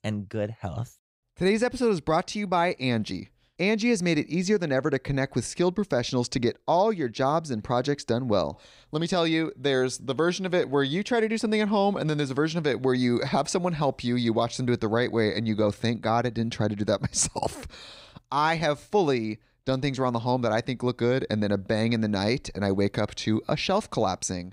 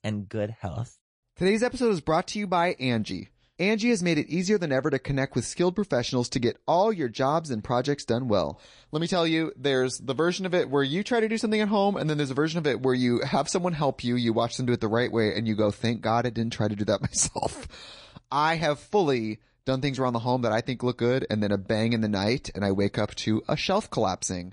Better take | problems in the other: first | garbled, watery; slightly; nothing above 10 kHz

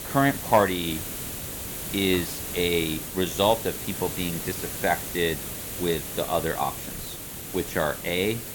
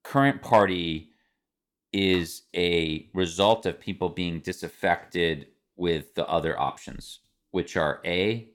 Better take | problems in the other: second | hiss; loud; throughout; 6 dB below the speech

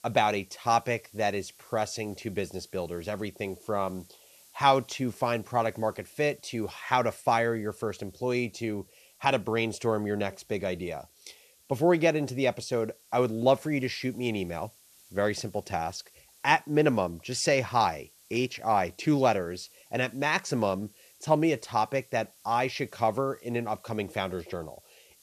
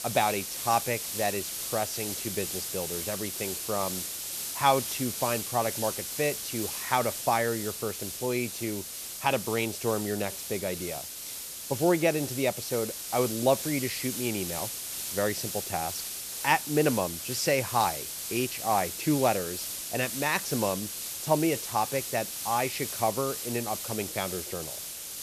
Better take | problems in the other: first | hiss; loud; throughout; 4 dB below the speech; faint in the first

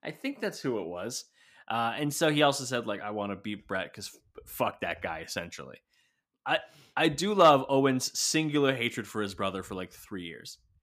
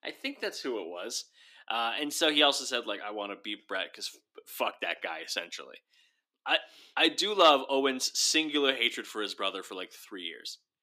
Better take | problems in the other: first | thin; very slightly; fading below 300 Hz

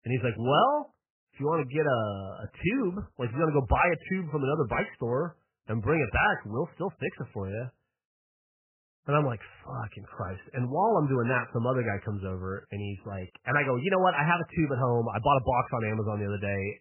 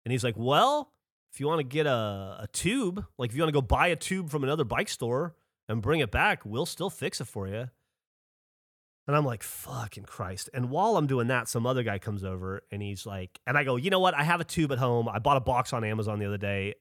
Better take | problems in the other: second | garbled, watery; badly; nothing above 3 kHz

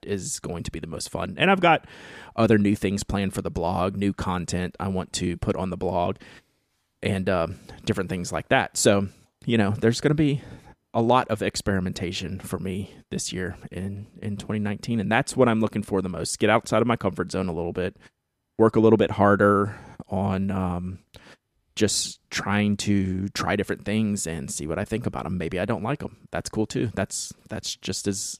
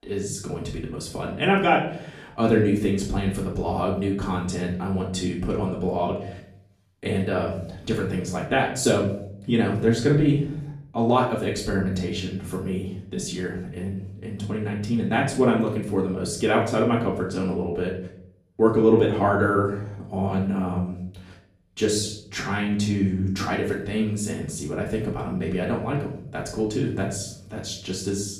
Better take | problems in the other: first | off-mic speech; far // room echo; slight; dies away in 0.6 s

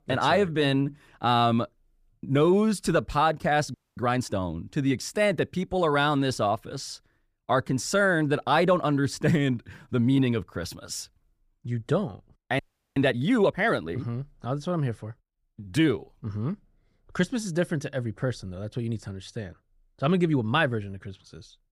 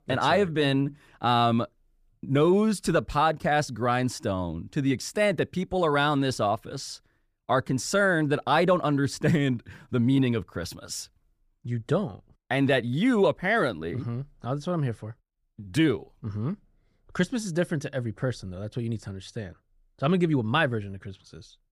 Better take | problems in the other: second | audio freezing; at 3.5 s and at 13 s

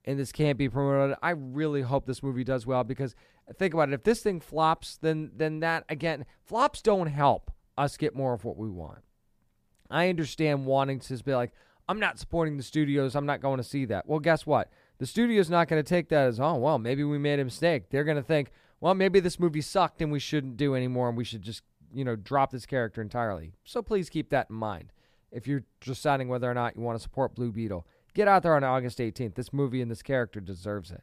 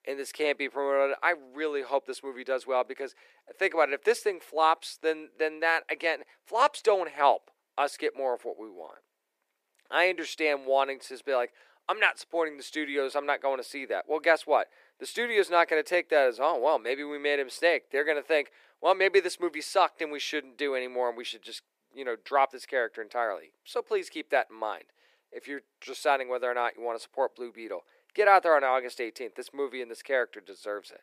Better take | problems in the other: first | thin; very; fading below 350 Hz

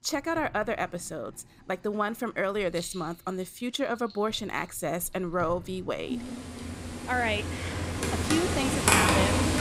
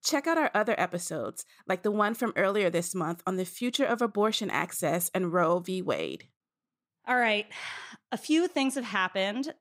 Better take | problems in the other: second | household noises; very loud; throughout; 3 dB above the speech

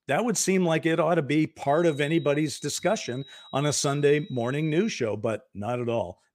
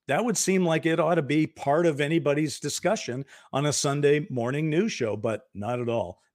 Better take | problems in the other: second | high-pitched whine; faint; from 1.5 to 5 s; 4 kHz, 20 dB below the speech

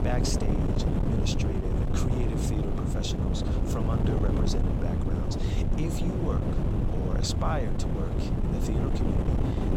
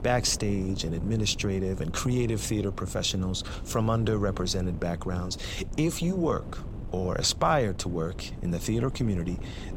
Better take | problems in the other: second | wind noise on the microphone; heavy; 2 dB above the speech; occasional gusts in the second

